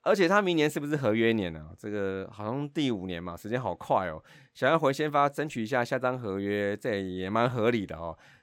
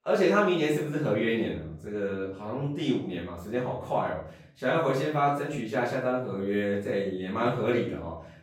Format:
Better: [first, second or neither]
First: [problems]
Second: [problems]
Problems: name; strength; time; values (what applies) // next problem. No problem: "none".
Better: first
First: none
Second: room echo; noticeable; dies away in 0.5 s // off-mic speech; far